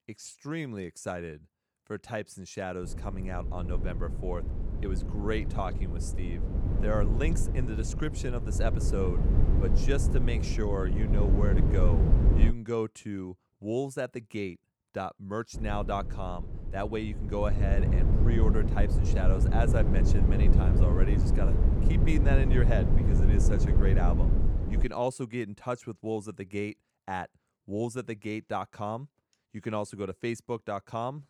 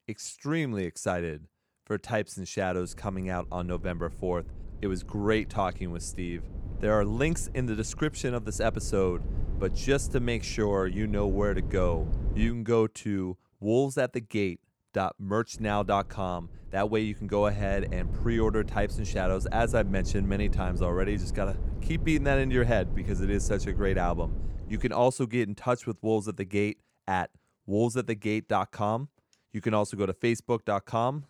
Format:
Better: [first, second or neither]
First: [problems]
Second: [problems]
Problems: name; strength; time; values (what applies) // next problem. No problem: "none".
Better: second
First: wind noise on the microphone; heavy; from 3 to 13 s and from 16 to 25 s; 4 dB below the speech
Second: wind noise on the microphone; occasional gusts; from 3 to 13 s and from 16 to 25 s; 20 dB below the speech